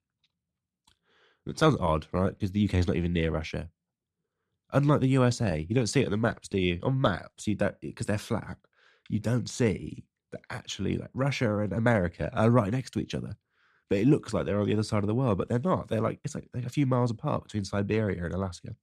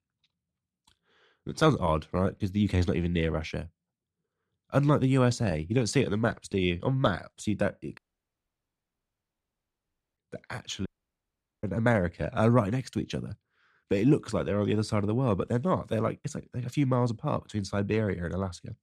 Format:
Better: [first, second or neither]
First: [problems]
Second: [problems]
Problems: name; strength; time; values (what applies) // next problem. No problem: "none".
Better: first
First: none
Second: audio cutting out; at 8 s for 2 s and at 11 s for 1 s